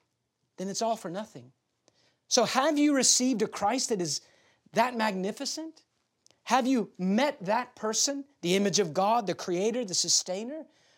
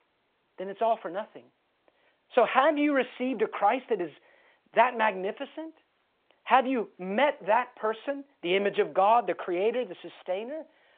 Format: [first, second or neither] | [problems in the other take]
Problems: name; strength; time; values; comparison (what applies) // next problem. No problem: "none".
first | phone-call audio